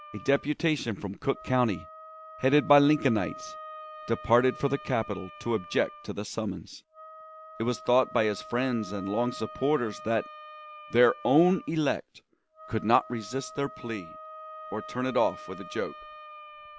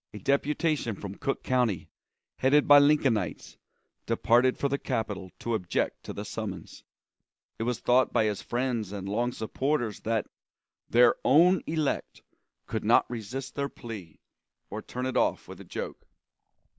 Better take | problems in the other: second | background sound (Wind instrument, woodwind instrument); 16 dB below the speech

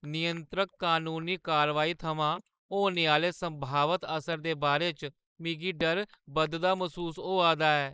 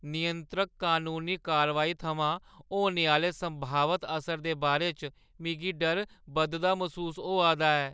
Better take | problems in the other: second | noise reduction (neural mask model Resemble Enhance denoiser)

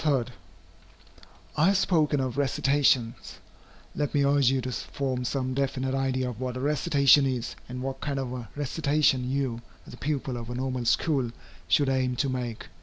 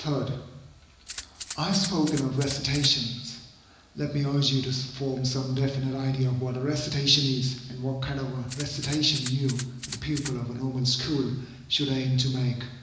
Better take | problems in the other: first | background sound (Rattle (instrument)); 12 dB below the speech // room echo; dies away in 1 s

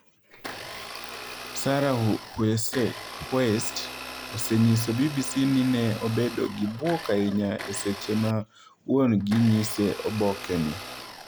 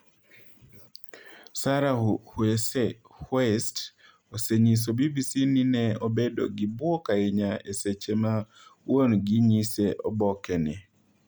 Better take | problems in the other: second | background sound (Domestic sounds, home sounds); 13 dB below the speech

